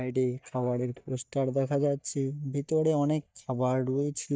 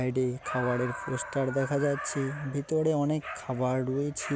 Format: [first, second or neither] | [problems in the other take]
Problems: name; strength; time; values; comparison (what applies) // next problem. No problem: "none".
second | noise reduction (neural mask model DeepFilterNet 3)